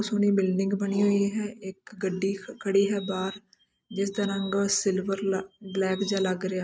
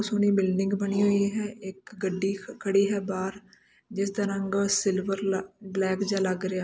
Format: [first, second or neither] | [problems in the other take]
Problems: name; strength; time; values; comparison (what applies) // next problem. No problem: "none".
second | noise reduction (neural mask model RNNoise)